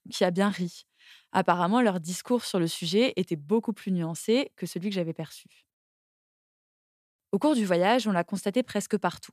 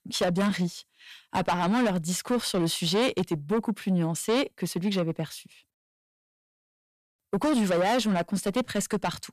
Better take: first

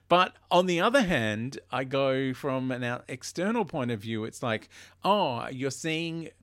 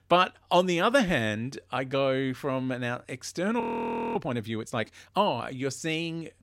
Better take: first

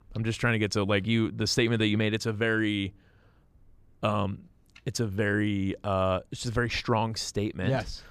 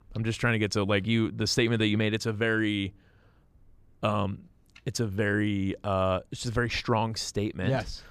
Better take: neither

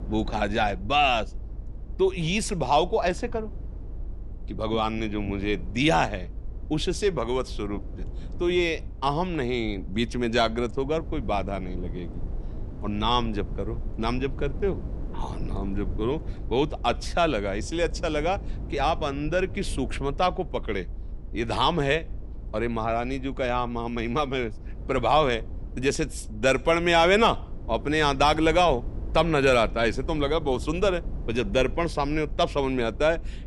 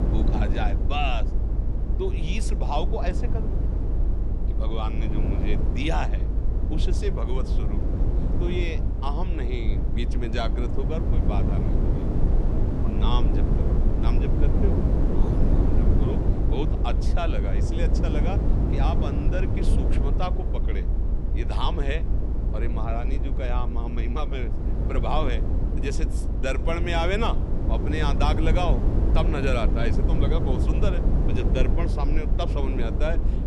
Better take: first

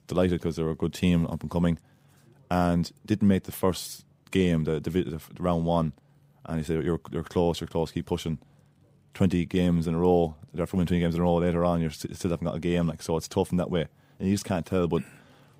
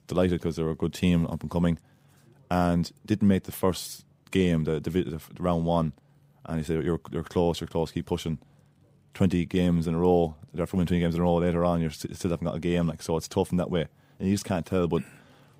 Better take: neither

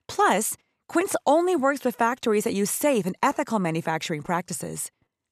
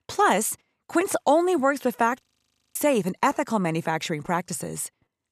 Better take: first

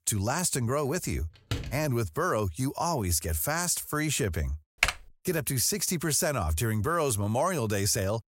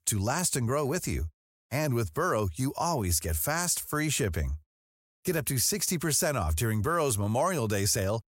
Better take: second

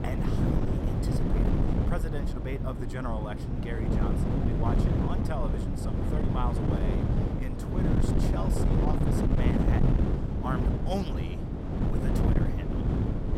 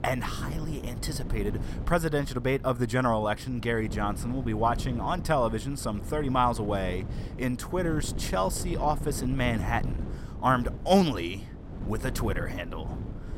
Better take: second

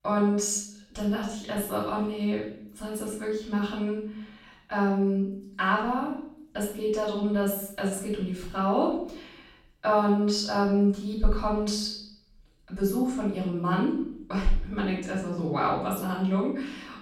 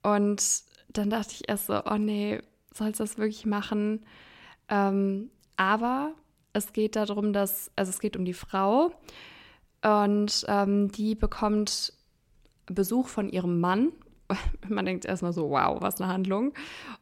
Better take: second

